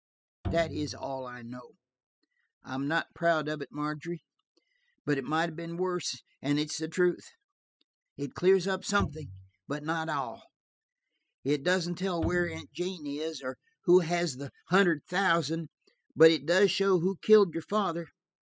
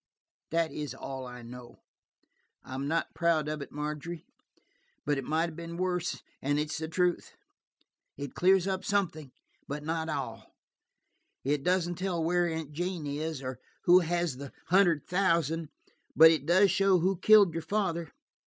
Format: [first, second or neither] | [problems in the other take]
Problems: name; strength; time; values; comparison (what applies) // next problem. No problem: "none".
second | noise reduction (classical method spectral subtraction)